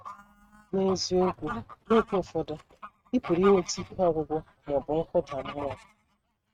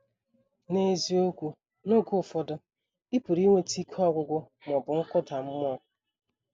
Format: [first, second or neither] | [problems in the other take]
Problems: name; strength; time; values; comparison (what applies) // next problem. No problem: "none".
second | noise reduction (neural mask model RNNoise)